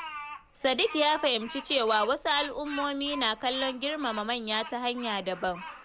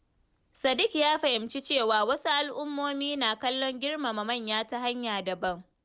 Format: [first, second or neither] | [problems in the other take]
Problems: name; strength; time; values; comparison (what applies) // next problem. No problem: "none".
second | background sound (Bird vocalization, bird call, bird song); 13 dB below the speech